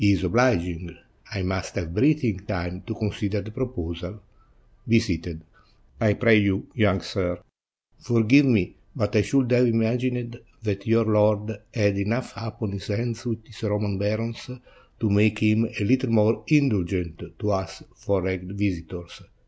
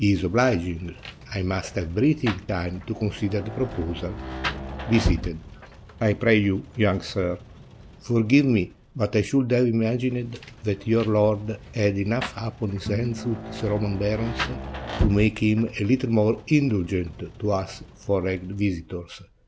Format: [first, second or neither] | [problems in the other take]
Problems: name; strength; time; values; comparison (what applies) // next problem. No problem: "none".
first | background sound (Rain + Bowed string instrument); 11 dB below the speech